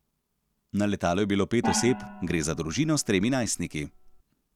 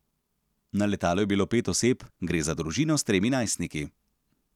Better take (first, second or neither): second